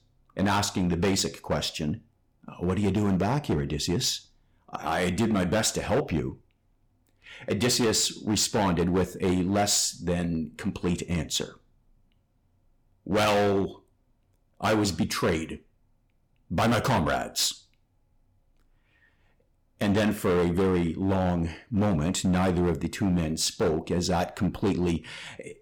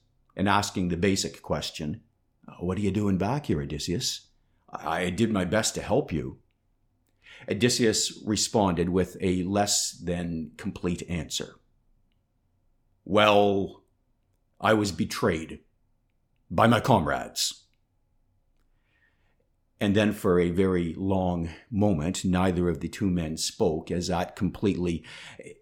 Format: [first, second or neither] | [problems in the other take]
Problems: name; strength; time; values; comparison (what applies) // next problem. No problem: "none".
second | distortion; heavy; 10% of the sound clipped